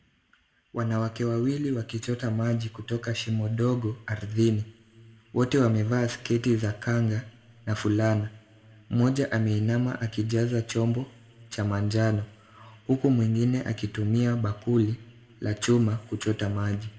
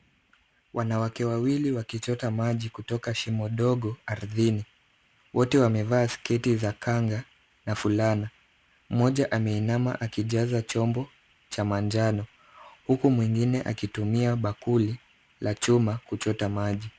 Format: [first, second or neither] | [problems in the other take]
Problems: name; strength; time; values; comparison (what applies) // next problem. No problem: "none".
second | room echo; dies away in 1.3 s